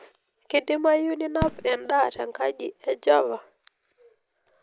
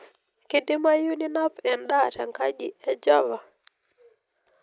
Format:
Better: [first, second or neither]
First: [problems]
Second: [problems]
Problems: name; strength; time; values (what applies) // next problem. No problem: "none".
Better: second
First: background sound (Fireworks); 15 dB below the speech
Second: none